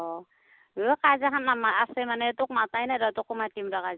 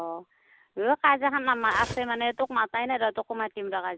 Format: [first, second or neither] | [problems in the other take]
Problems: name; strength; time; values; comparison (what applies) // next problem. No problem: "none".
first | background sound (Cutlery, silverware); 14 dB below the speech